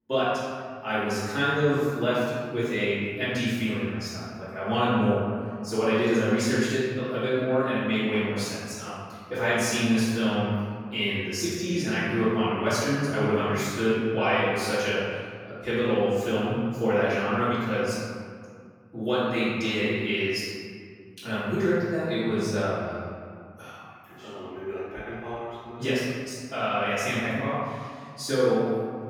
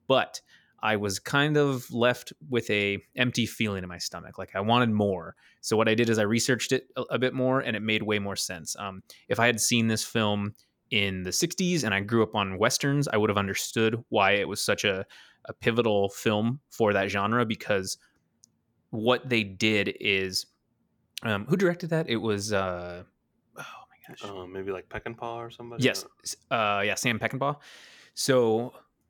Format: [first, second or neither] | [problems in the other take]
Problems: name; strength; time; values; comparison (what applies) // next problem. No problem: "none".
second | off-mic speech; far // room echo; strong; dies away in 2 s